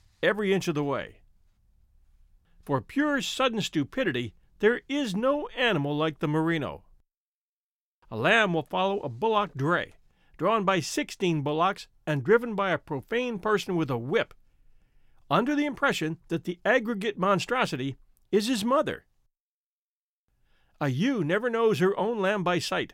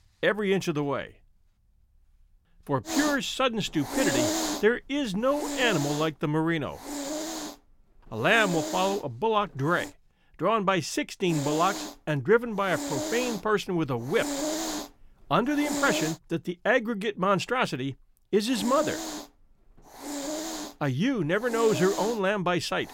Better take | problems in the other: first | hiss; loud; from 3 to 10 s, from 11 to 16 s and from 18 s on; 6 dB below the speech

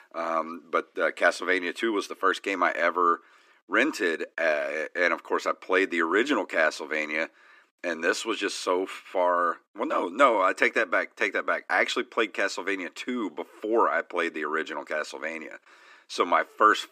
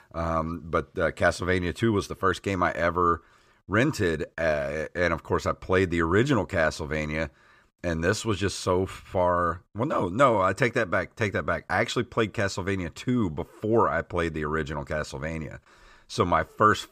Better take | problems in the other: second | thin; somewhat; fading below 250 Hz

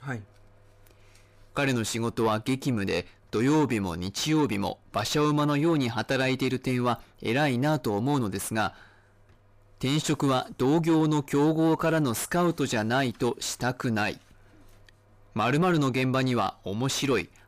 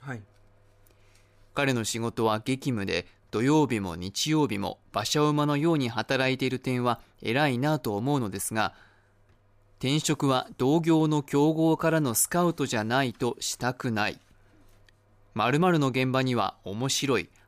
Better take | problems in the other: second | distortion; slight; 10 dB below the speech

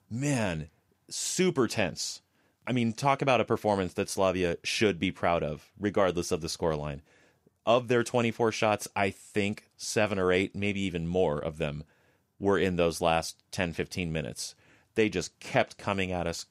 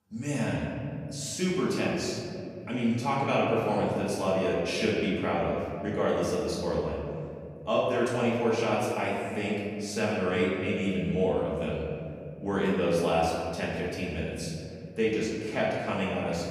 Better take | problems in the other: first | room echo; noticeable; dies away in 2.5 s // off-mic speech; far

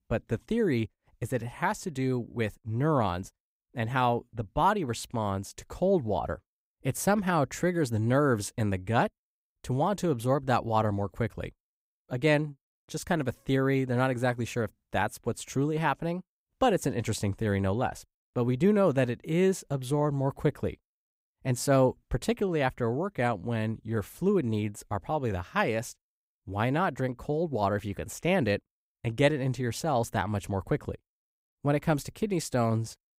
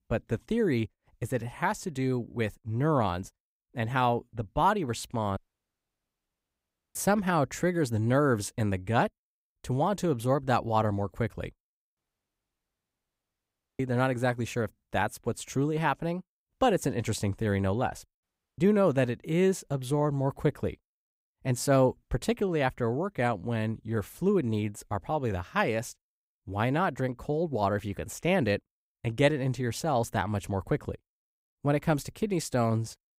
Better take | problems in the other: first | audio cutting out; at 5.5 s for 1.5 s, at 12 s for 2 s and at 18 s

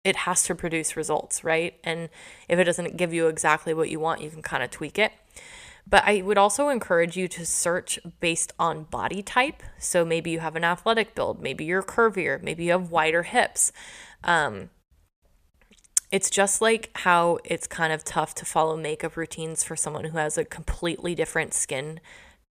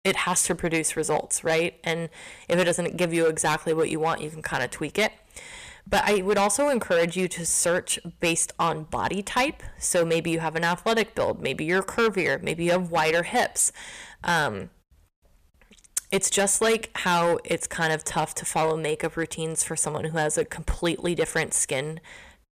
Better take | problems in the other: first | distortion; heavy; 7% of the sound clipped

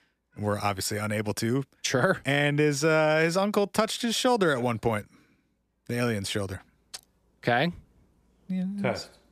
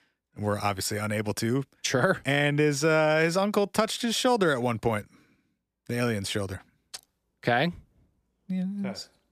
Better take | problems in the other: second | animal sounds; loud; throughout; 10 dB below the speech; faint in the second

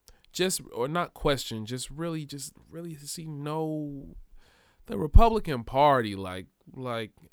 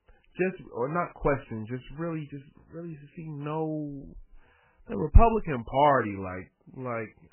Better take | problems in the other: first | garbled, watery; badly; nothing above 3 kHz

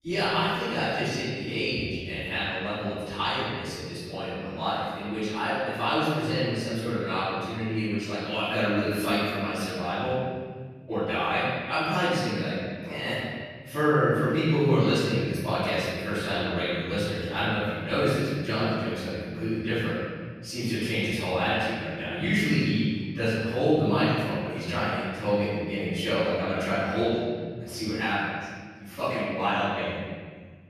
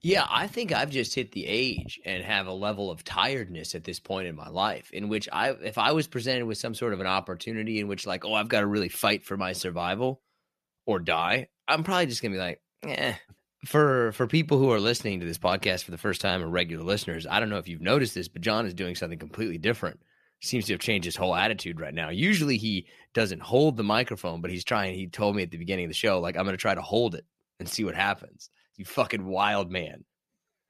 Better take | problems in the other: second | off-mic speech; far // room echo; strong; dies away in 1.8 s

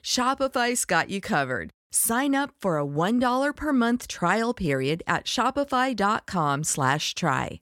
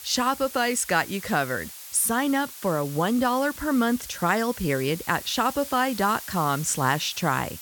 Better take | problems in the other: first | hiss; noticeable; throughout; 15 dB below the speech

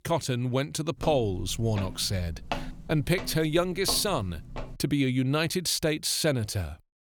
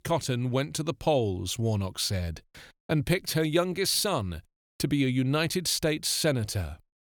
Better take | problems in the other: second | footsteps; noticeable; from 1 to 5 s; peak 8 dB below the speech

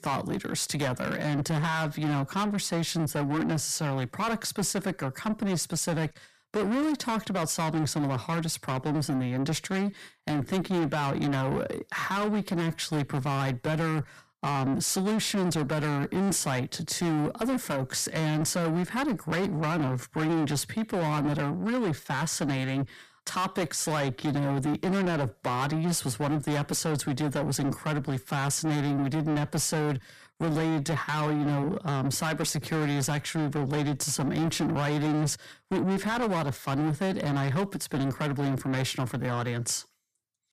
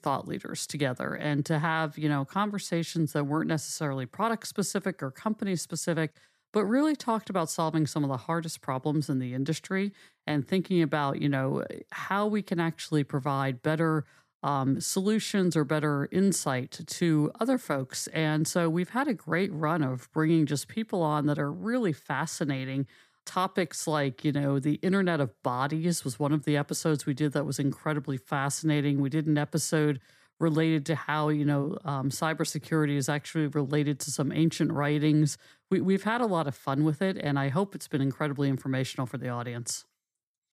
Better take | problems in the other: second | distortion; heavy; 6 dB below the speech

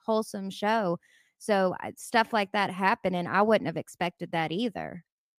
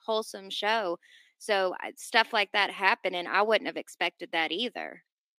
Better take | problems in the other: first | thin; somewhat; fading below 300 Hz

